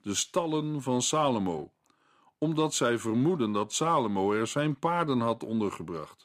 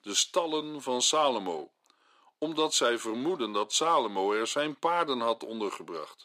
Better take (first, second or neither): first